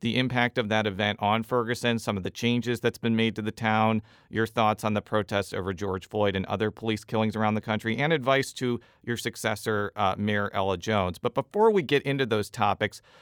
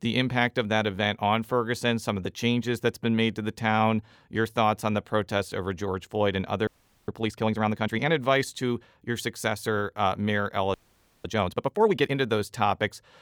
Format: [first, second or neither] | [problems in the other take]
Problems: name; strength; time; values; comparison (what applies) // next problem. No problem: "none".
first | audio freezing; at 6.5 s and at 11 s for 0.5 s